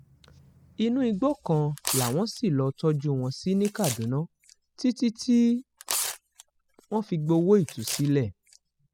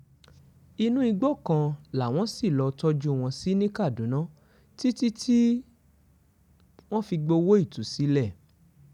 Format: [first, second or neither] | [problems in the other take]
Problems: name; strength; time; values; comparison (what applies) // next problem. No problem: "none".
second | noise reduction (classical method spectral subtraction)